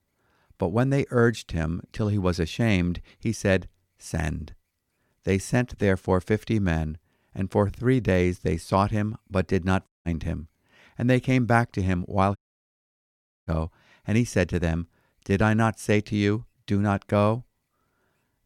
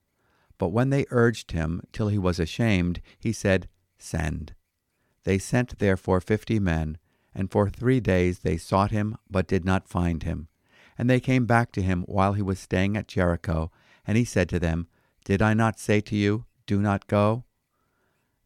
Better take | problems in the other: second | audio cutting out; at 10 s and at 12 s for 1 s

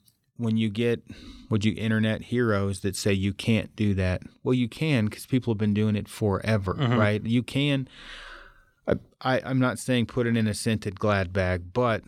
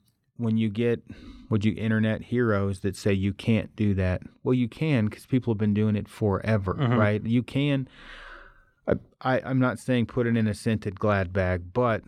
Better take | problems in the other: first | muffled; slightly; fading above 3 kHz

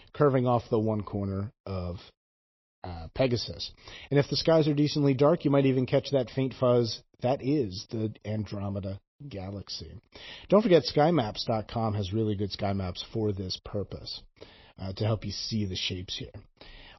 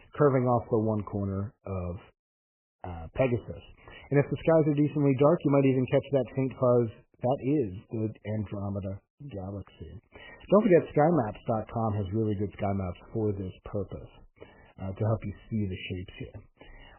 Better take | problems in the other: first | garbled, watery; badly; nothing above 3 kHz; slightly in the first

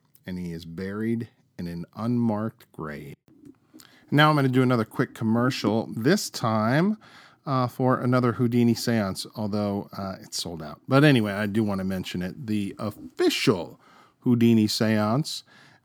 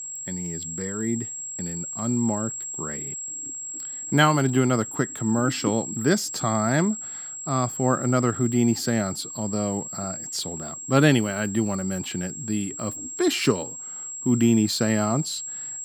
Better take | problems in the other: first | high-pitched whine; loud; throughout; 7.5 kHz, 7 dB below the speech

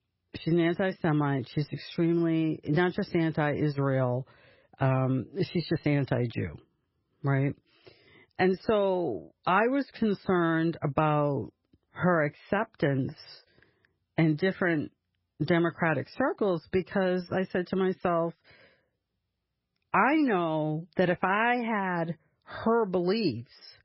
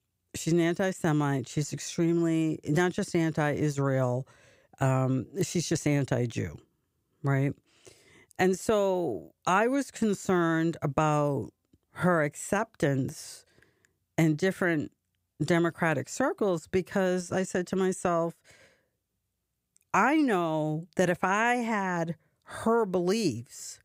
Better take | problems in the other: second | garbled, watery; badly; nothing above 5.5 kHz

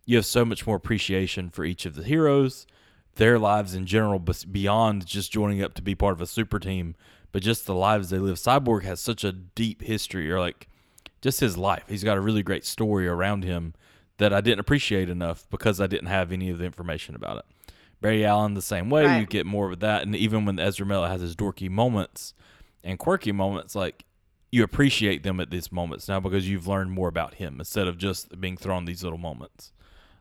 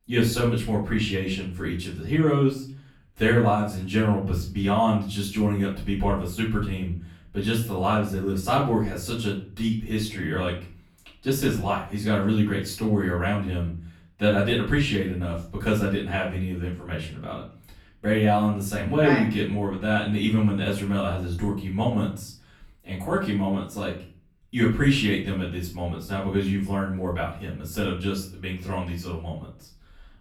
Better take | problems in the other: first | off-mic speech; far // room echo; slight; dies away in 0.4 s

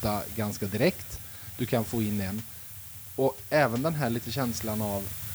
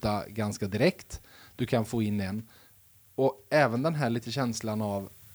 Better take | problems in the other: second | hiss; loud; throughout; 8 dB below the speech; faint in the second

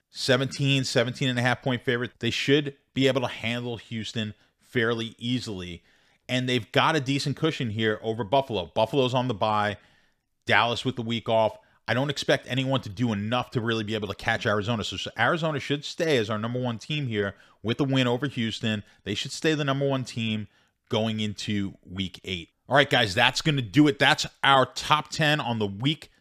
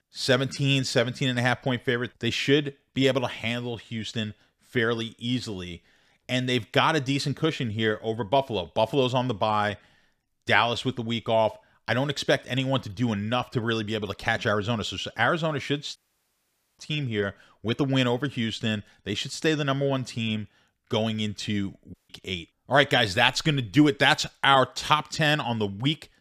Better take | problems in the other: first | audio cutting out; at 16 s for 1 s and at 22 s

